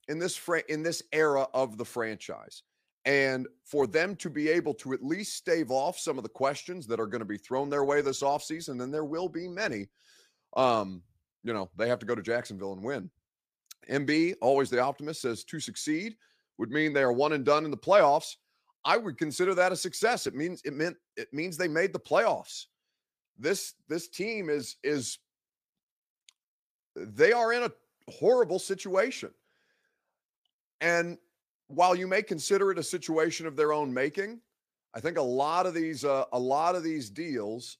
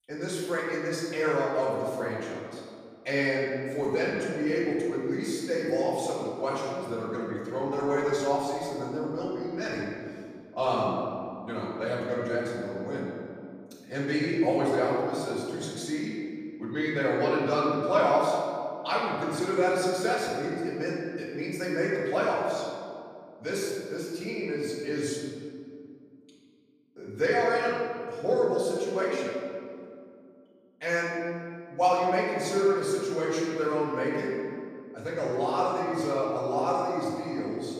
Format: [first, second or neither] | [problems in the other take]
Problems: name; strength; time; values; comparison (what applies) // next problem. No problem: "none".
first | room echo; strong; dies away in 2.1 s // off-mic speech; far